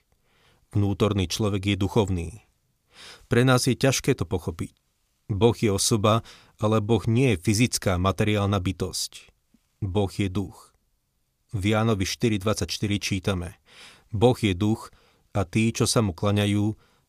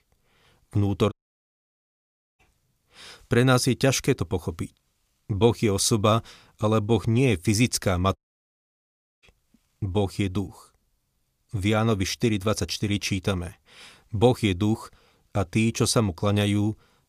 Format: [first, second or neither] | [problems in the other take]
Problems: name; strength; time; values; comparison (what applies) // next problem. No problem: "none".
first | audio cutting out; at 1 s for 1.5 s and at 8 s for 1 s